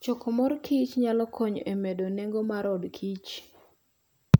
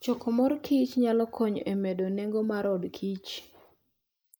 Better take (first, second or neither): first